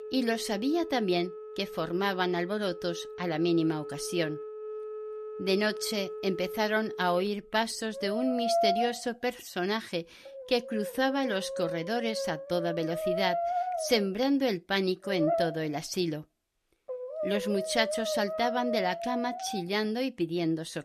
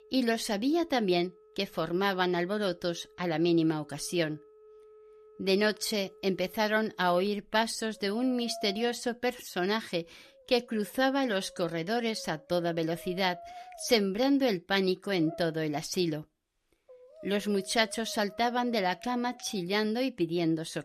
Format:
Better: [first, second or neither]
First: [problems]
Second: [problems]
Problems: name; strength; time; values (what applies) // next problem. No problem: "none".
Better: second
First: background music; loud; throughout; 5 dB below the speech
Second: background music; faint; throughout; 20 dB below the speech